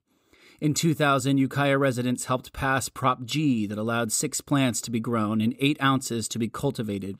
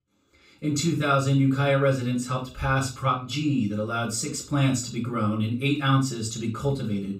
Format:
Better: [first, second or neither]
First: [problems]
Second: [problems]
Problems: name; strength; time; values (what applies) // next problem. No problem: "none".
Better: first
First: none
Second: room echo; slight; dies away in 0.3 s // off-mic speech; far